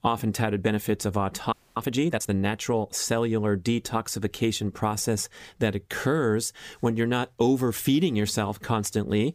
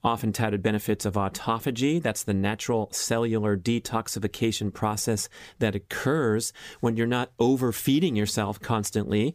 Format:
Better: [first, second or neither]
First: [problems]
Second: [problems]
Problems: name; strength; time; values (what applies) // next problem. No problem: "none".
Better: second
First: audio freezing; at 1.5 s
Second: none